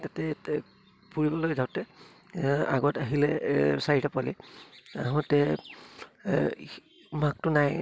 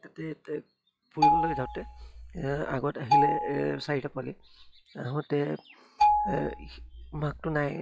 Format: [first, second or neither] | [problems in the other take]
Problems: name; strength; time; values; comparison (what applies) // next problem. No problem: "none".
first | noise reduction (classical method log-MMSE)